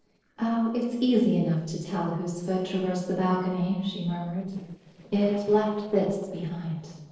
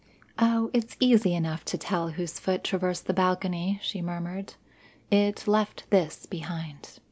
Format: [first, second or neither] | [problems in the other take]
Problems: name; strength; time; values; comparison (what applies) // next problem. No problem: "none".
second | noise reduction (neural separator model SepFormer DNS4)